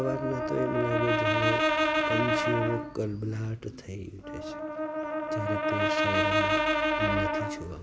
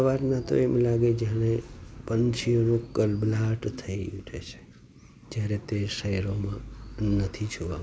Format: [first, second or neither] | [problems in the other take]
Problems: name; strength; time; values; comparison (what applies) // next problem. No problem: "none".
second | background sound (Brass instrument); 5 dB above the speech